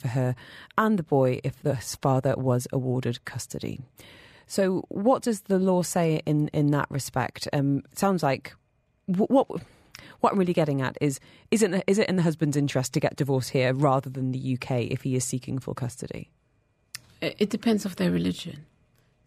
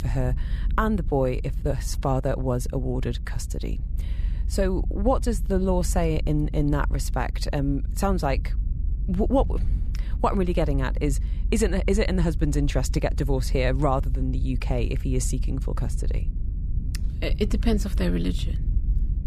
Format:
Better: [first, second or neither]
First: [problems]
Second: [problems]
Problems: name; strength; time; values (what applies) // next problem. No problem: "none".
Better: first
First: none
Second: low rumble; noticeable; throughout; 20 dB below the speech